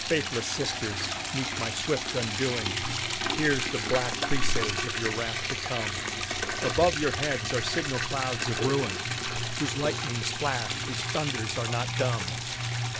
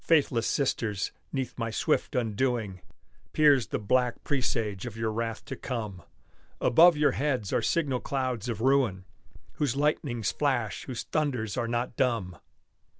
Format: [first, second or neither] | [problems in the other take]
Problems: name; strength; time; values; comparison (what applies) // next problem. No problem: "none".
second | background sound (Liquid); 1 dB below the speech